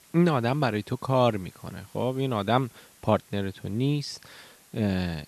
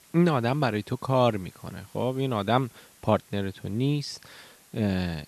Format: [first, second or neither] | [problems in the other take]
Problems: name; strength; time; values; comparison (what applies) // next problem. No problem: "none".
neither | hiss; faint; throughout; 25 dB below the speech; the same in both